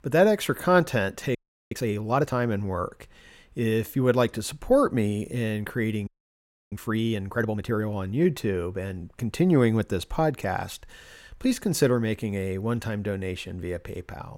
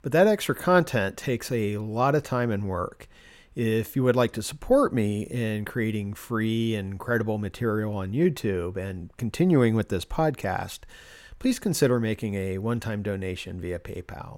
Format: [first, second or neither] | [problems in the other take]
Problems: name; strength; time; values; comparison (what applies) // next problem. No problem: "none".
second | audio freezing; at 1.5 s and at 6 s for 0.5 s